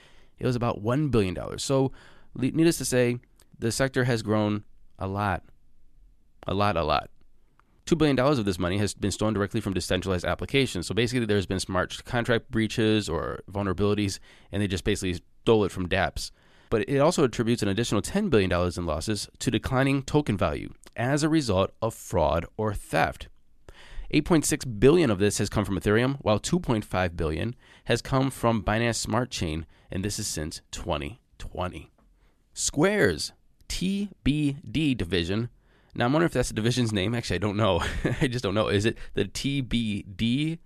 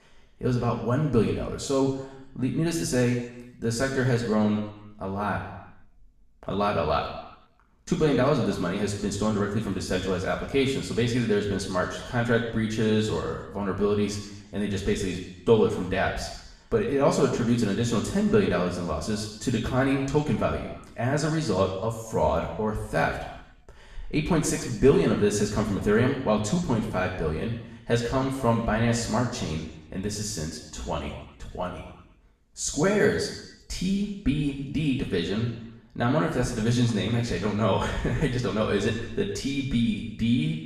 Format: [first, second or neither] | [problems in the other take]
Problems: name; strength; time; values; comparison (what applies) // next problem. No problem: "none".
first | room echo; noticeable; dies away in 0.9 s // off-mic speech; far